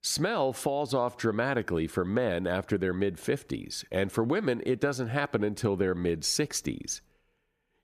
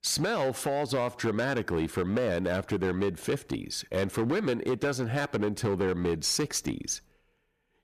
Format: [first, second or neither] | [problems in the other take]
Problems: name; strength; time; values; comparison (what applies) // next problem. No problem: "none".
first | distortion; slight; 10% of the sound clipped